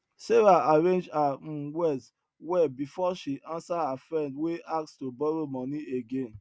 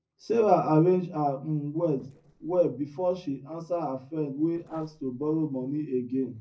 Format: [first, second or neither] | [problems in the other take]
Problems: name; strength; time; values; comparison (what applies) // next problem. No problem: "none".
first | noise reduction (neural separator model SepFormer DNS4)